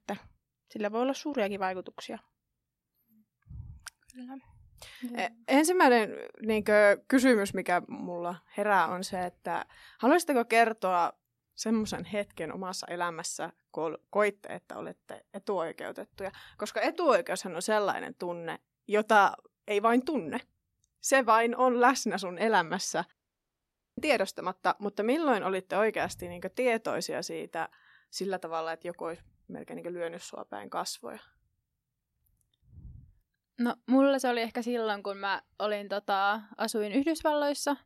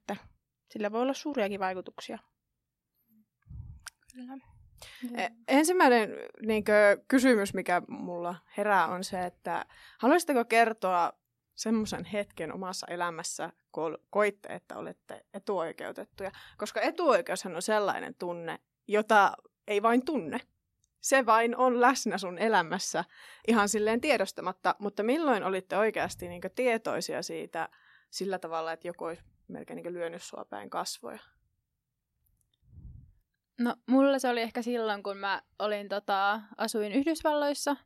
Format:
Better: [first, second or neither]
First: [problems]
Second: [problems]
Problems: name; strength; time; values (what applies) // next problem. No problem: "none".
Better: second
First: audio cutting out; at 23 s for 1 s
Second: none